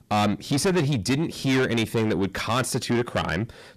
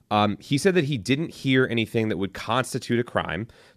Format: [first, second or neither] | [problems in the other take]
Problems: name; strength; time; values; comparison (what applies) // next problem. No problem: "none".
second | distortion; heavy; 7 dB below the speech